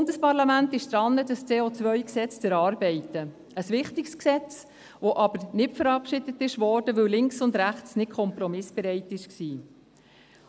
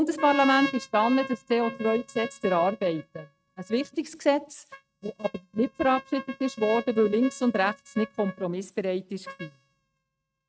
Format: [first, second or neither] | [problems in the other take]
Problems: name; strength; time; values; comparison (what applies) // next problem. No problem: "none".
first | noise reduction (neural mask model RNNoise)